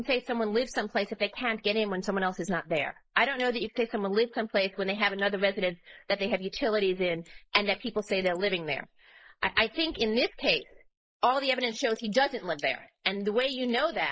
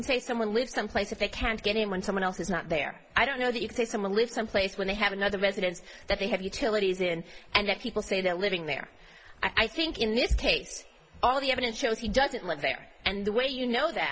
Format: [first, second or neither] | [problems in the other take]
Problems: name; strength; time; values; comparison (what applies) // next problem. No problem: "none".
second | noise reduction (neural mask model Resemble Enhance denoiser)